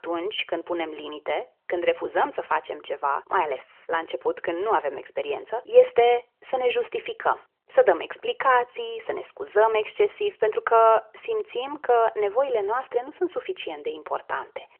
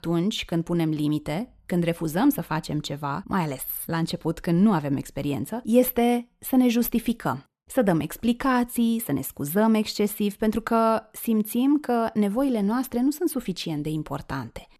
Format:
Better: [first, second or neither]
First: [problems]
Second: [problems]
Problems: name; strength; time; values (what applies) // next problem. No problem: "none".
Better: second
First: phone-call audio; nothing above 3 kHz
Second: none